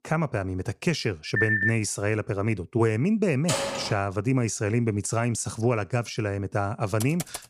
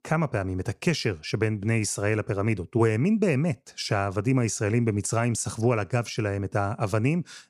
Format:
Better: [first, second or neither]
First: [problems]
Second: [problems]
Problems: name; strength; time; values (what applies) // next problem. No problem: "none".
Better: second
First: phone ringing; loud; at 1.5 s; peak 3 dB above the speech // door banging; noticeable; at 3.5 s; peak 1 dB below the speech // keyboard typing; noticeable; at 7 s; peak 9 dB below the speech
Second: none